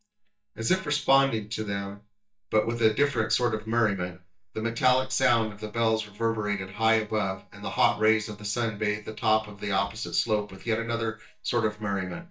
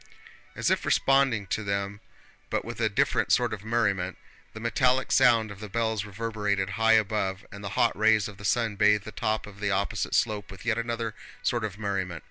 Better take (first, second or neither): second